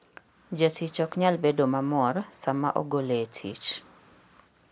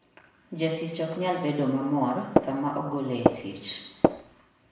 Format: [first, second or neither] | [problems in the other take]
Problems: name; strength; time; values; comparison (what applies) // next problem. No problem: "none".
first | background sound (Tap); 5 dB above the speech // room echo; dies away in 0.9 s